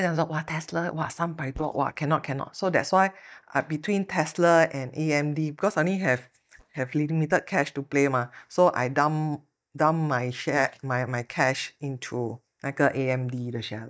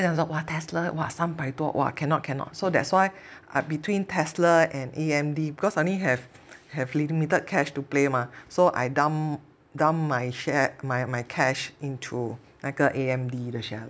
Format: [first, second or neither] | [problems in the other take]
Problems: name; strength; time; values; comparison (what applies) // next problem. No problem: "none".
second | noise reduction (neural mask model DeepFilterNet 3)